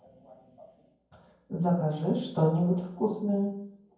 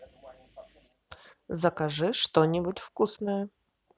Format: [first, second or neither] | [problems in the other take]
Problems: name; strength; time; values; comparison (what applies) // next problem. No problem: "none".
second | room echo; dies away in 0.9 s